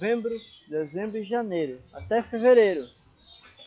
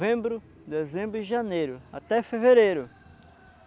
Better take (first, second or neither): second